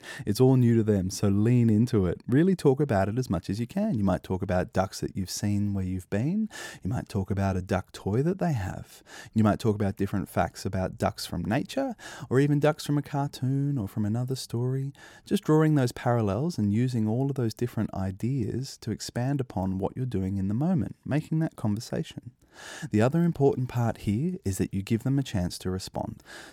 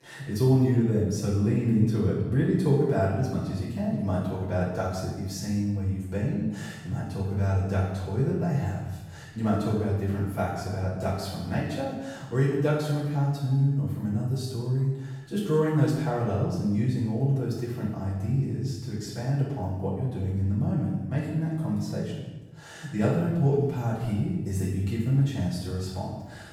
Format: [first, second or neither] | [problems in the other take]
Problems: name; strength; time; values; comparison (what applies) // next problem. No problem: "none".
first | room echo; strong; dies away in 1 s // off-mic speech; far